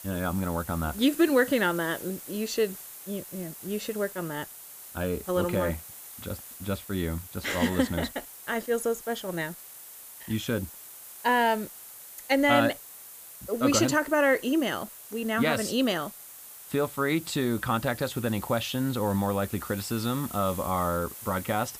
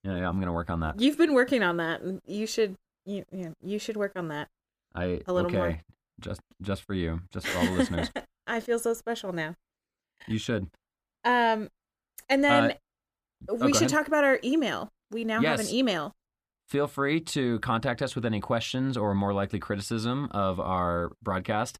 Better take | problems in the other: second | hiss; noticeable; throughout; 15 dB below the speech

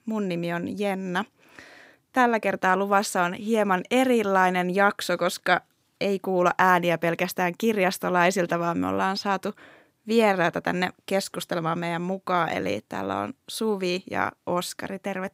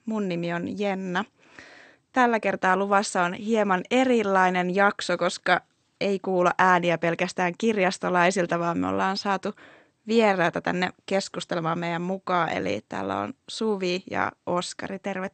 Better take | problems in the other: first | garbled, watery; slightly; nothing above 8.5 kHz

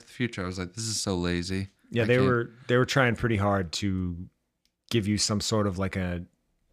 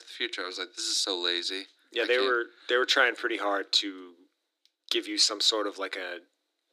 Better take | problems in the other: first | thin; very; fading below 300 Hz

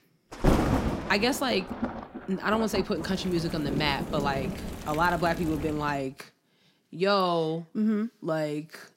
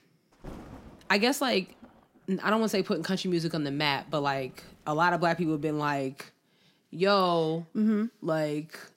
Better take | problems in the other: second | rain or running water; loud; until 6 s; 5 dB below the speech; faint in the second

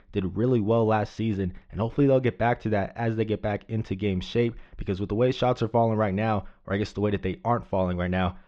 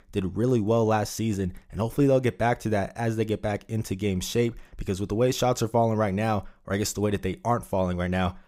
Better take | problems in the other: second | muffled; slightly; fading above 4 kHz

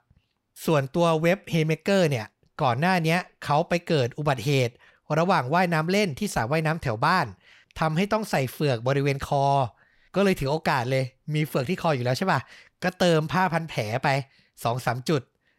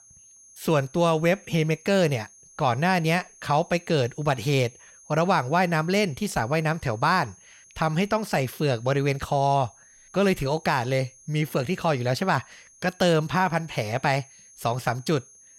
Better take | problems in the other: first | high-pitched whine; faint; throughout; 6.5 kHz, 25 dB below the speech

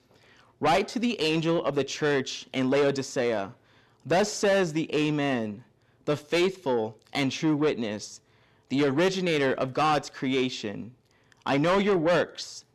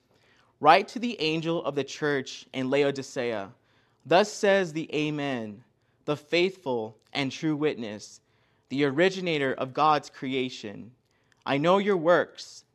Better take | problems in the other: second | distortion; heavy; 6 dB below the speech

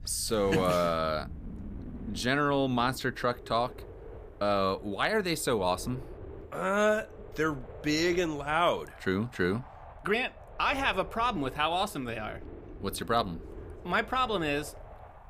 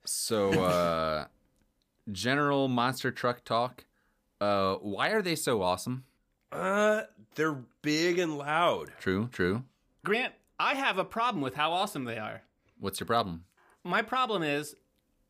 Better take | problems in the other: second | wind noise on the microphone; occasional gusts; 20 dB below the speech

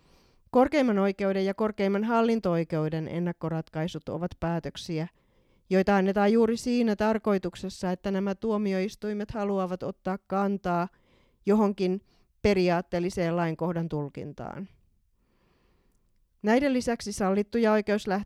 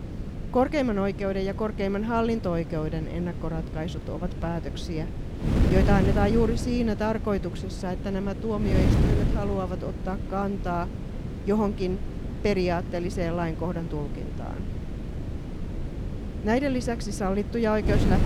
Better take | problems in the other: first | wind noise on the microphone; heavy; 9 dB below the speech

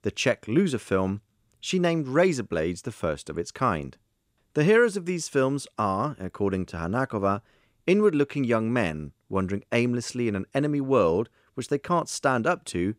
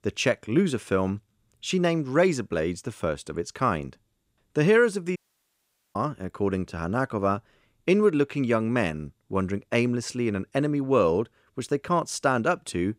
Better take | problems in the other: first | audio cutting out; at 5 s for 1 s

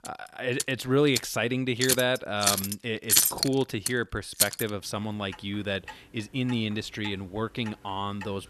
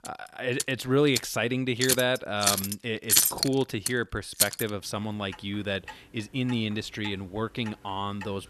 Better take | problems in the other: neither | household noises; very loud; throughout; 3 dB above the speech; the same in both

